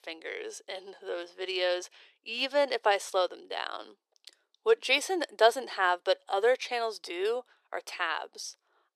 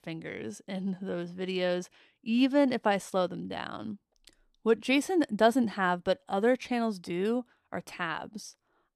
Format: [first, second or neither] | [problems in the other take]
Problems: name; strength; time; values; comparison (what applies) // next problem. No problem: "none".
second | thin; very; fading below 400 Hz